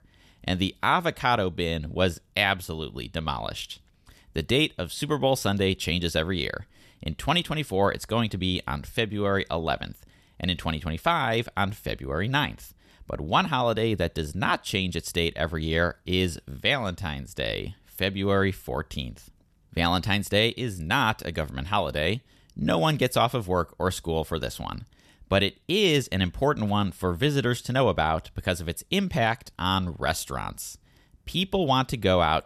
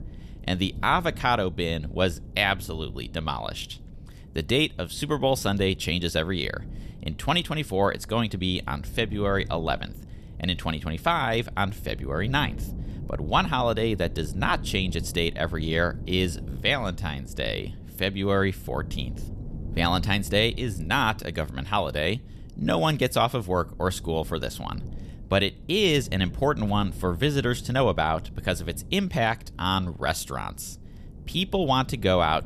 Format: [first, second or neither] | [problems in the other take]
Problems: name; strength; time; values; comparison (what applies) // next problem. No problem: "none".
first | wind noise on the microphone; occasional gusts; 25 dB below the speech